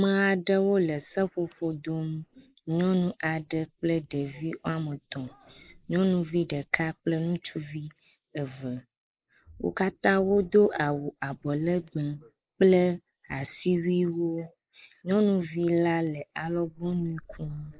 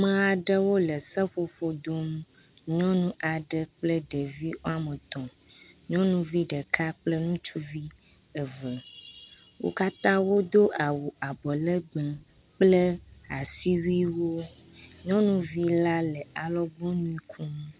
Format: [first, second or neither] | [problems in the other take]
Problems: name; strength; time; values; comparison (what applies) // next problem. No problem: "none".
second | noise reduction (neural mask model Resemble Enhance denoiser)